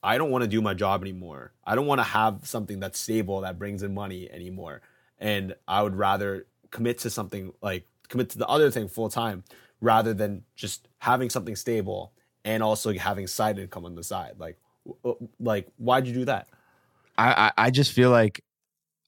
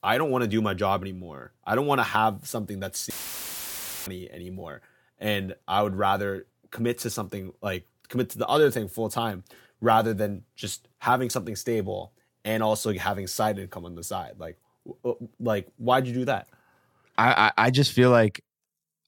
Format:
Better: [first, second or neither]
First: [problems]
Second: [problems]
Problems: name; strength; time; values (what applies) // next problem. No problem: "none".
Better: first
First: none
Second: audio cutting out; filled with static; at 3 s for 1 s